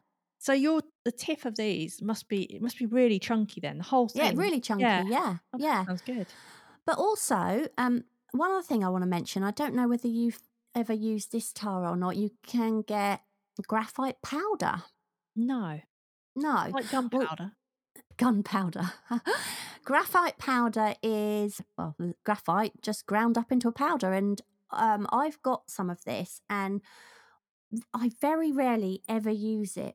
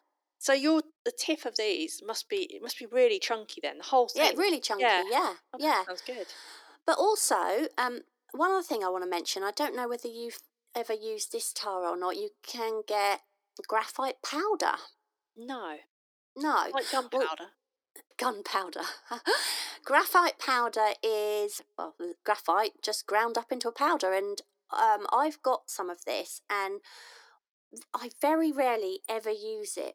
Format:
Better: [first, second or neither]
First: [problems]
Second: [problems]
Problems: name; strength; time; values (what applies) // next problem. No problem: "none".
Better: first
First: none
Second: thin; very; fading below 300 Hz